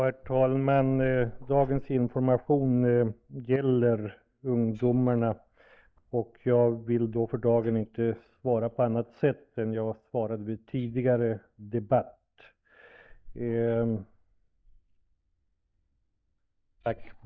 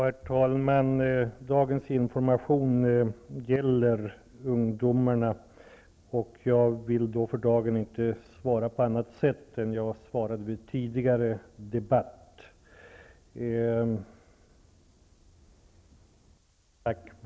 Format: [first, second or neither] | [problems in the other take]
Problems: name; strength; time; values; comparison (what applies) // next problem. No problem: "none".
second | noise reduction (neural mask model DeepFilterNet 3)